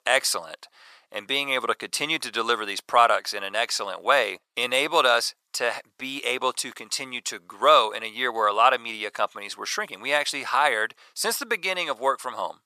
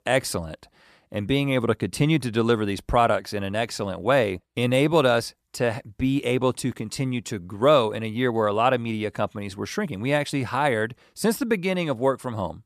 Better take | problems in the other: second | thin; very; fading below 750 Hz

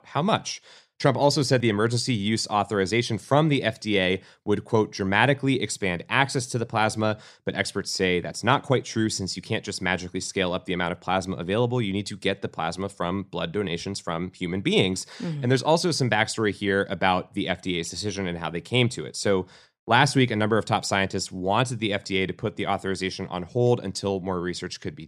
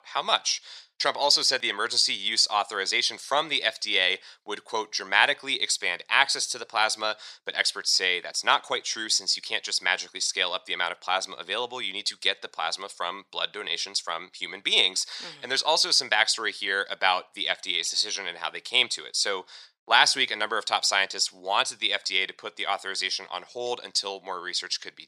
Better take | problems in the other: first | thin; very; fading below 850 Hz

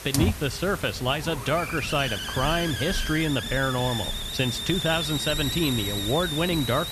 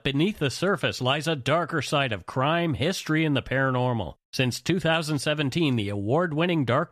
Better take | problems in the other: second | hiss; loud; throughout; 3 dB below the speech

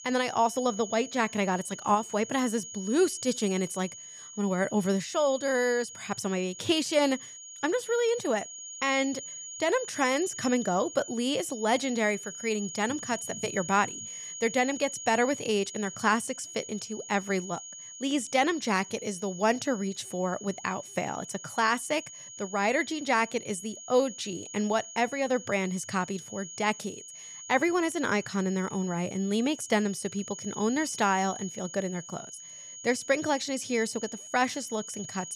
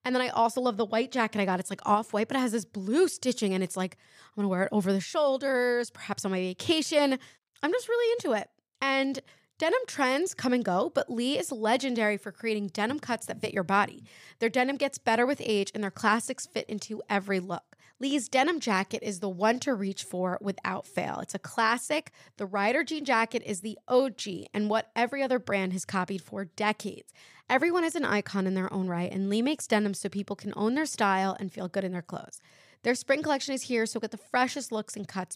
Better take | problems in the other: second | high-pitched whine; noticeable; throughout; 6.5 kHz, 10 dB below the speech

